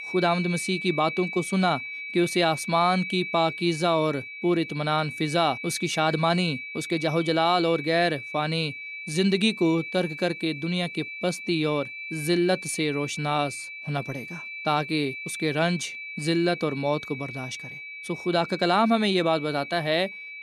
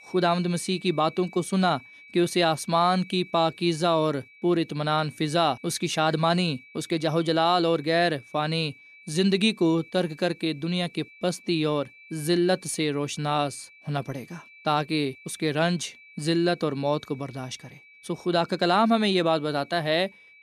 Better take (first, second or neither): second